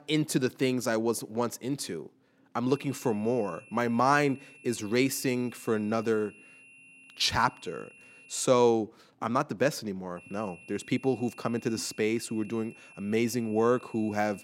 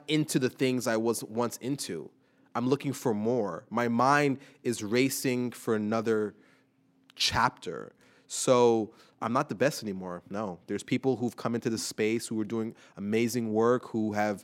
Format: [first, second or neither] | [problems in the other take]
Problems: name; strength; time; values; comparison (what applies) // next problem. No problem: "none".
second | high-pitched whine; faint; from 2.5 to 8.5 s and from 10 s on; 2.5 kHz, 20 dB below the speech